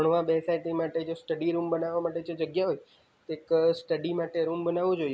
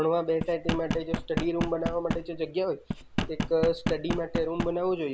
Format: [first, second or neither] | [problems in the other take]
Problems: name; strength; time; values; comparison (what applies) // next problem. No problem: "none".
first | background sound (Knock); 4 dB below the speech